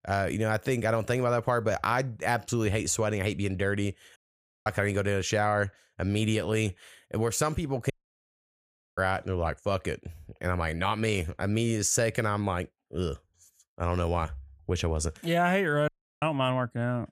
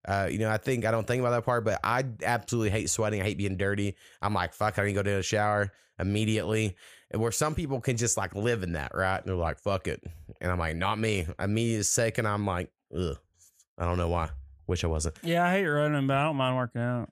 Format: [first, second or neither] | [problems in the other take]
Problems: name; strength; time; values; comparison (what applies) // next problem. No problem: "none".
second | audio cutting out; at 4 s for 0.5 s, at 8 s for 1 s and at 16 s